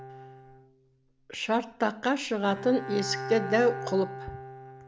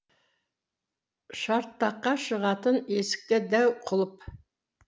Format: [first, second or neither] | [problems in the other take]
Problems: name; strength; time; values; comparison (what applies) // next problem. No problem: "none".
second | background sound (Bowed string instrument); 11 dB below the speech